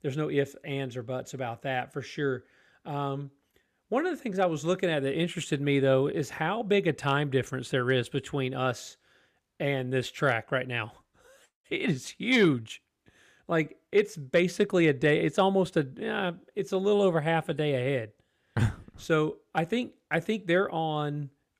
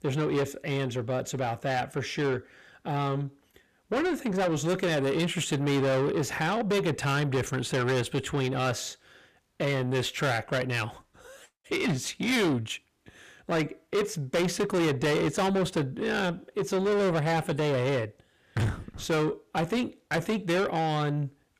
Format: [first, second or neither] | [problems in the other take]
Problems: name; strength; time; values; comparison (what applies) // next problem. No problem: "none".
first | distortion; heavy; 7 dB below the speech